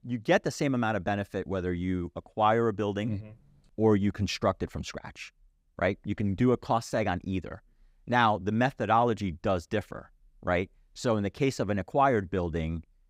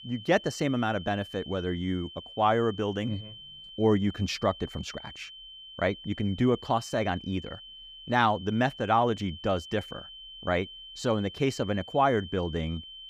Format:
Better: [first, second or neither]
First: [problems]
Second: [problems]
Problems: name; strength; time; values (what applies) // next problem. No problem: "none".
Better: first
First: none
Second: high-pitched whine; noticeable; throughout; 3 kHz, 15 dB below the speech